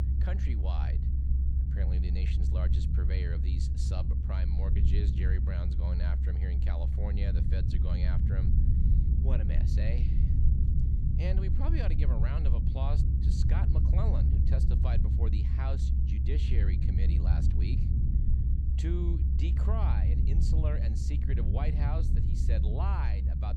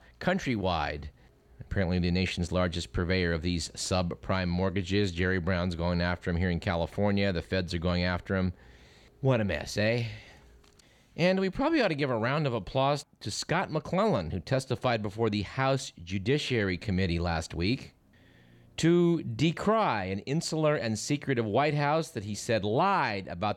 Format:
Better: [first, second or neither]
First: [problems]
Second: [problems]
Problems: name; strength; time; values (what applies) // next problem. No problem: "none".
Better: second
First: low rumble; loud; throughout; 1 dB below the speech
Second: none